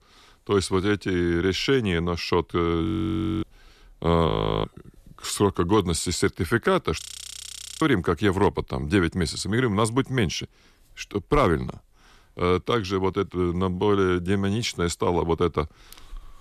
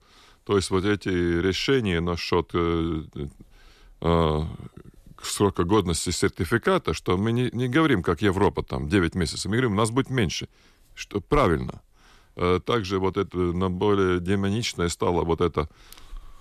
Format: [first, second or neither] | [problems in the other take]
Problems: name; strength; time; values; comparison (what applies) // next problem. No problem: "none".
second | audio freezing; at 3 s for 0.5 s, at 4.5 s and at 7 s for 1 s